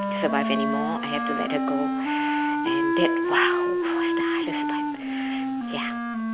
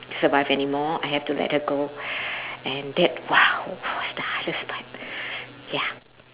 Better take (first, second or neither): second